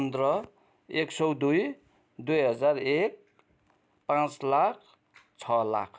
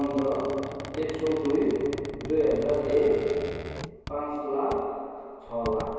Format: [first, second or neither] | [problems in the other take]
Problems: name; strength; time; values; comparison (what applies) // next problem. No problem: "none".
first | background sound (Squeak); 13 dB below the speech // room echo; dies away in 2.2 s